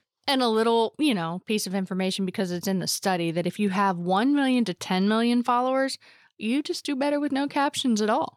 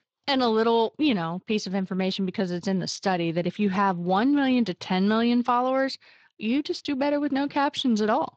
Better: first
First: none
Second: garbled, watery; slightly

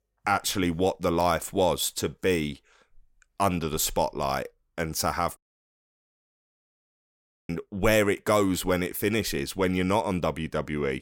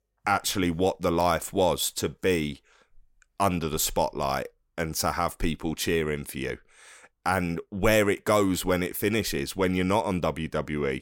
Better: second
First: audio cutting out; at 5.5 s for 2 s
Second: none

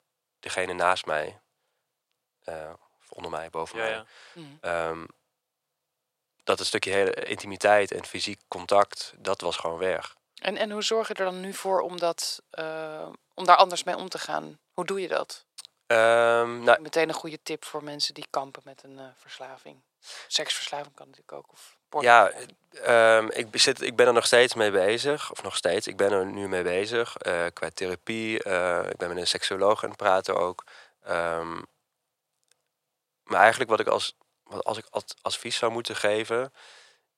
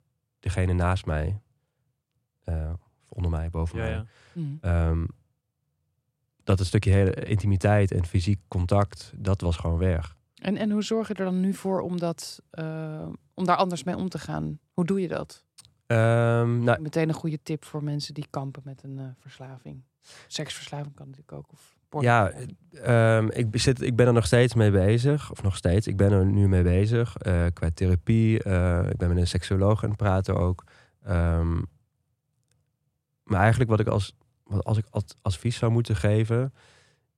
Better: second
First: thin; very; fading below 650 Hz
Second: none

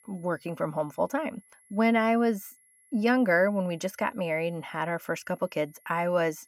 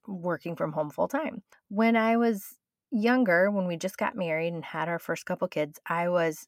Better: second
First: high-pitched whine; faint; throughout; 11 kHz, 30 dB below the speech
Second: none

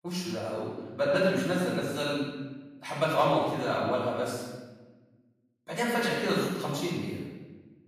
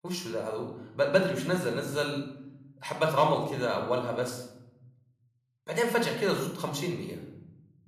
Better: second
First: room echo; strong; dies away in 1.1 s // off-mic speech; far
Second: room echo; slight; dies away in 0.8 s

